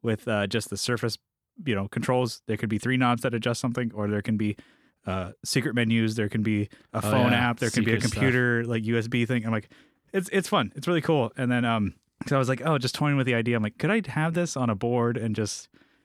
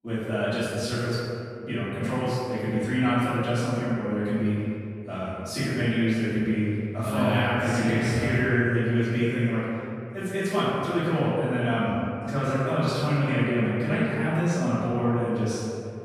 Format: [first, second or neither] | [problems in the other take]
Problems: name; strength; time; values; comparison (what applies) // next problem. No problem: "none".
first | off-mic speech; far // room echo; strong; dies away in 2.2 s